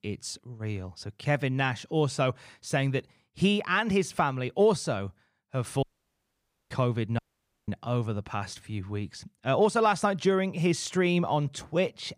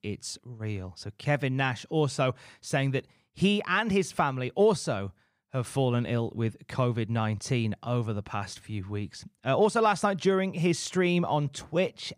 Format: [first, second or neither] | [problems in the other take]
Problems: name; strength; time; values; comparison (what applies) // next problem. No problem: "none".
second | audio cutting out; at 6 s for 1 s and at 7 s